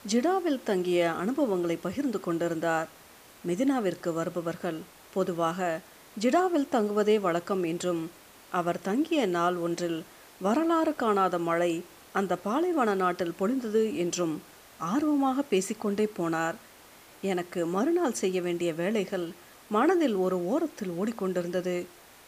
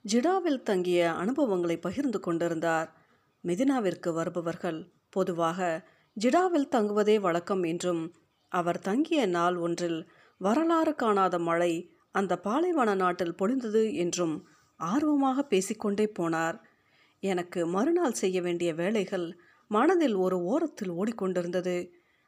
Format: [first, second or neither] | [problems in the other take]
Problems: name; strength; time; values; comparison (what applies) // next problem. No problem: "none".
second | hiss; faint; throughout; 25 dB below the speech